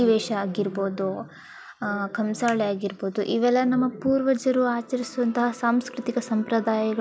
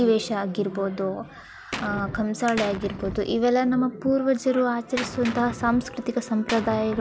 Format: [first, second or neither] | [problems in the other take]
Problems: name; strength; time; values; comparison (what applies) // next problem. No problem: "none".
first | background sound (Gunshot, gunfire); 13 dB below the speech